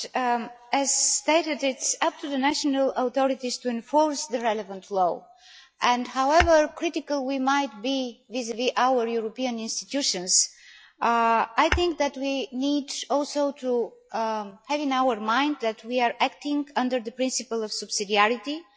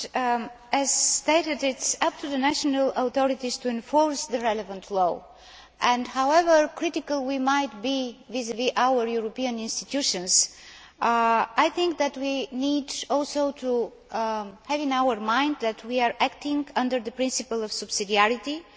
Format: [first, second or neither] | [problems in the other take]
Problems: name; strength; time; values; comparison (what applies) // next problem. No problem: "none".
second | noise reduction (classical method log-MMSE)